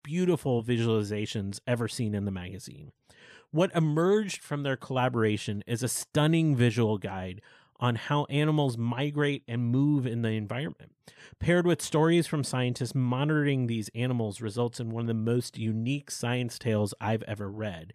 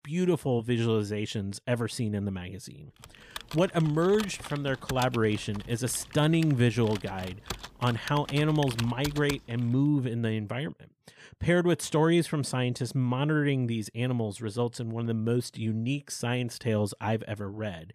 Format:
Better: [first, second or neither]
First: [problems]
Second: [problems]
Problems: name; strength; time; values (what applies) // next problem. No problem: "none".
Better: first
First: none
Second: keyboard typing; noticeable; from 3 to 9.5 s; peak 8 dB below the speech